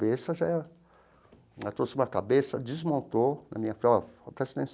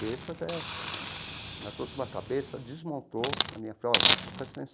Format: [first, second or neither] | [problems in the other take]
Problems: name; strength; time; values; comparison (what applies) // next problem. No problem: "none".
first | background sound (Hiss); 3 dB above the speech